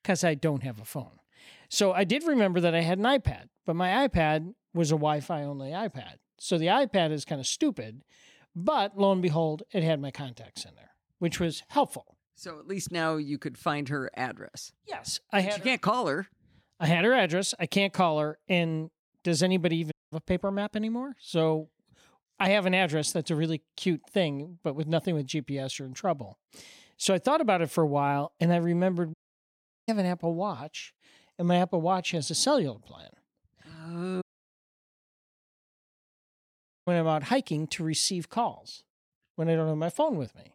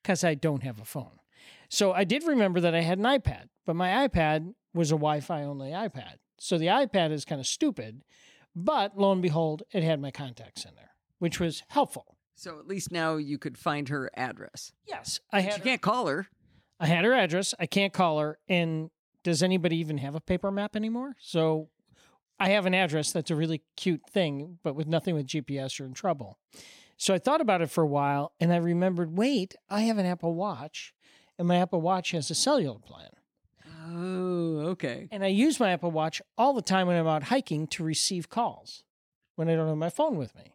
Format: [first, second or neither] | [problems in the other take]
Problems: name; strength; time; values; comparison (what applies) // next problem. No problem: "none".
second | audio cutting out; at 20 s, at 29 s for 0.5 s and at 34 s for 2.5 s